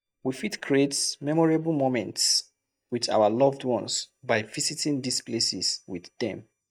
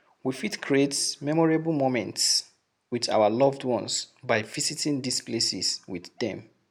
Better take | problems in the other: second | noise reduction (neural mask model DeepFilterNet 3)

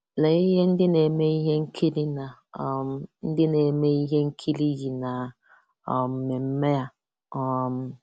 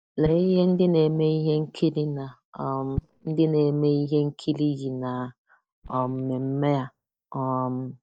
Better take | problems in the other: first | noise reduction (neural mask model DeepFilterNet 3)

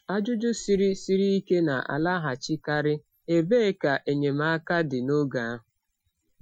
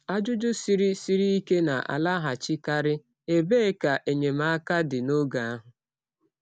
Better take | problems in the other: second | noise reduction (classical method Wiener filter)

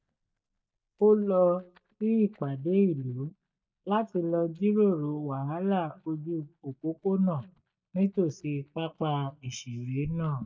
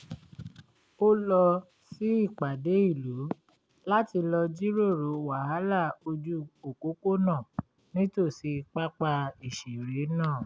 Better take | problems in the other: second | noise reduction (neural mask model DeepFilterNet 3)

